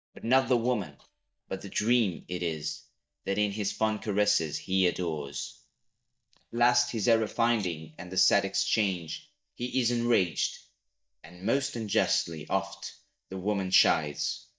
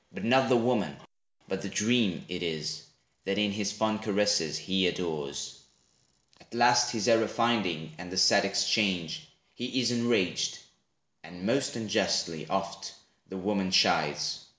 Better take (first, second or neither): second